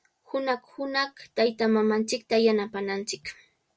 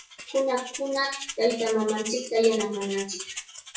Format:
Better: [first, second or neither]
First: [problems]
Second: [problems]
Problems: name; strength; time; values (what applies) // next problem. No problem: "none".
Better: first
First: none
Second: noise reduction (classical method WPE with log-MMSE)